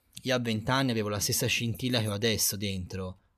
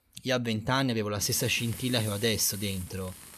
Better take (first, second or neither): first